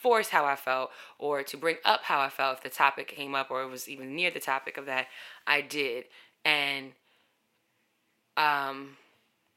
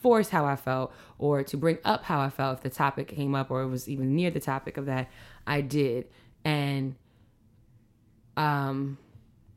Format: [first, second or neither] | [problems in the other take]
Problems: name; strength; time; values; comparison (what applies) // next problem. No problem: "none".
second | thin; very; fading below 600 Hz